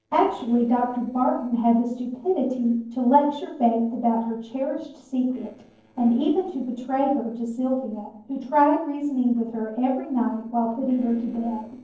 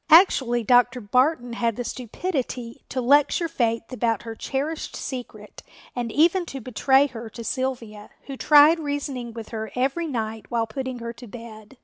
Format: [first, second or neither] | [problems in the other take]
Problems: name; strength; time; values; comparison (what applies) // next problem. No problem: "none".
second | noise reduction (neural separator model SepFormer DNS4)